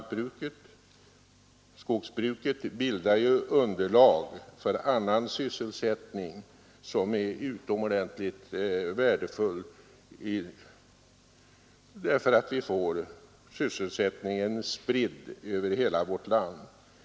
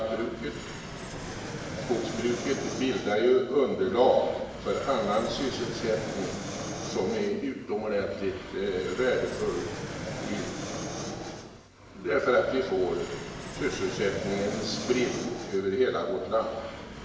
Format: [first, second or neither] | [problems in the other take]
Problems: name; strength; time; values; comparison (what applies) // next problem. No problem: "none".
first | background sound (Fixed-wing aircraft, airplane); 8 dB below the speech // room echo; dies away in 1.1 s